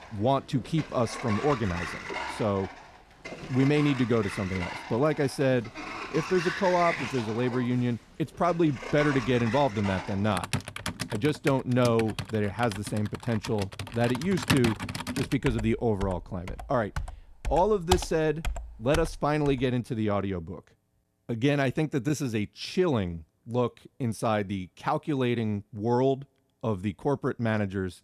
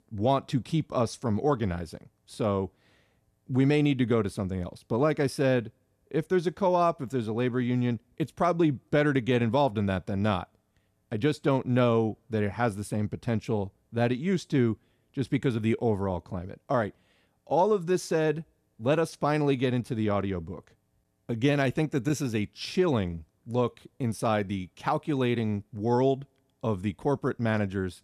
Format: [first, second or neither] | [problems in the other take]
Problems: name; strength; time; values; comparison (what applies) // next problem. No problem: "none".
second | household noises; loud; until 20 s; 8 dB below the speech